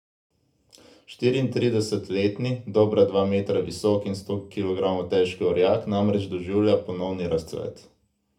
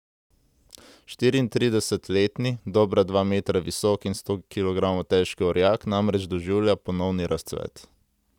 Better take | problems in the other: second | room echo; dies away in 0.3 s

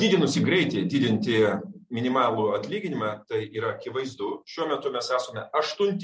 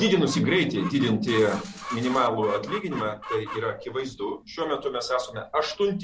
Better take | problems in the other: first | background sound (Mechanisms + Chicken, rooster); 14 dB below the speech

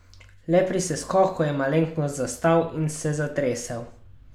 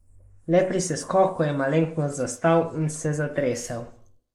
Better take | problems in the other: first | noise reduction (neural mask model Resemble Enhance denoiser)

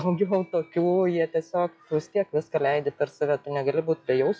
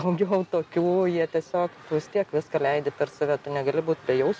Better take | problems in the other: second | noise reduction (classical method log-MMSE)

